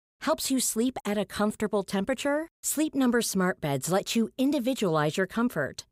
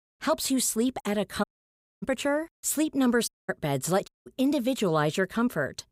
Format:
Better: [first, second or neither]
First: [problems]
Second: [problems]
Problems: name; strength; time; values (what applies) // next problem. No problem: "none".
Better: first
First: none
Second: audio cutting out; at 1.5 s for 0.5 s, at 3.5 s and at 4 s